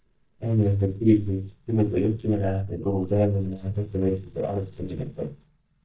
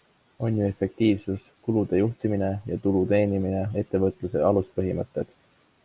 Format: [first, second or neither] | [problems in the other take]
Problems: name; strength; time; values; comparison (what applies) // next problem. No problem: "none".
second | noise reduction (neural mask model DeepFilterNet 3)